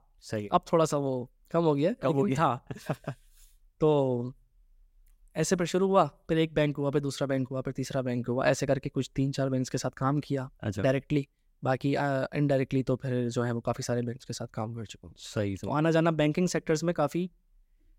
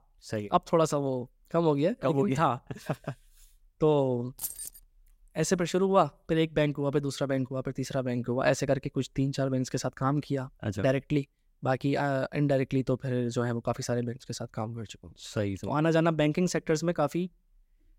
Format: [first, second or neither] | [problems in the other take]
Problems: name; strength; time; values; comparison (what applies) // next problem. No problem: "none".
first | jangling keys; noticeable; at 4.5 s; peak 6 dB below the speech